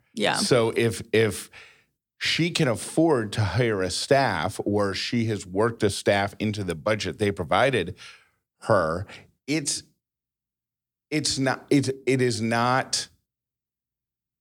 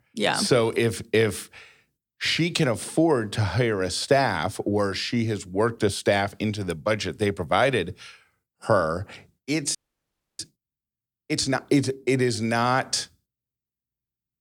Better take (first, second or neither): first